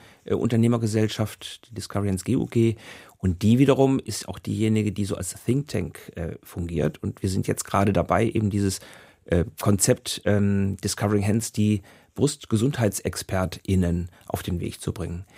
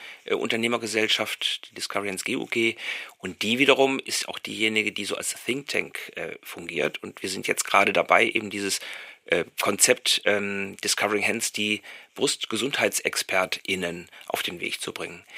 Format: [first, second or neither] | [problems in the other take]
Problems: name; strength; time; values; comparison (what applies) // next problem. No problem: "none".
first | thin; somewhat; fading below 450 Hz